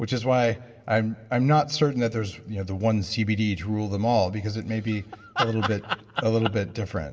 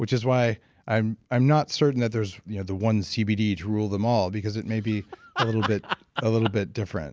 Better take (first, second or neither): second